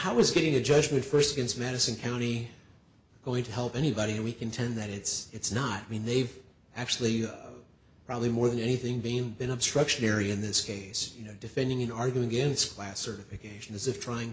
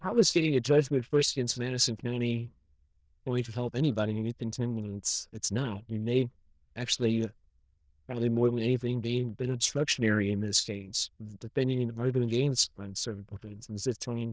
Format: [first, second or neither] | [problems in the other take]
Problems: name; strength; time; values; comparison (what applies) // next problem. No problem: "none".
first | noise reduction (neural diffusion model UNIVERSE++)